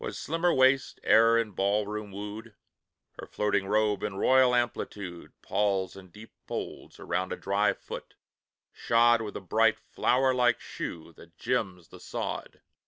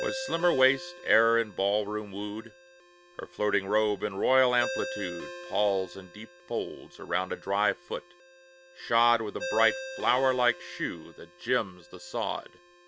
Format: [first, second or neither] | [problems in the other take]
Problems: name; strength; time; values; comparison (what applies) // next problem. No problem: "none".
first | background sound (Ringtone); 13 dB below the speech